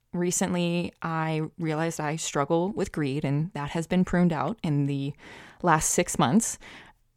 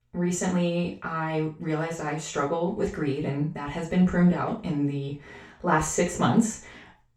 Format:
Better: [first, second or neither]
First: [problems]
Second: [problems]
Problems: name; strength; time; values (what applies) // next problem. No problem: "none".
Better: first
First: none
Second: room echo; noticeable; dies away in 0.3 s // off-mic speech; far